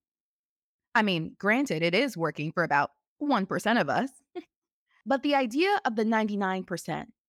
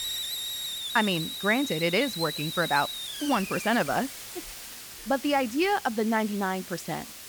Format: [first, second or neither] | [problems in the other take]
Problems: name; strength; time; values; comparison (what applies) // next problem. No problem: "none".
first | hiss; loud; throughout; 7 dB below the speech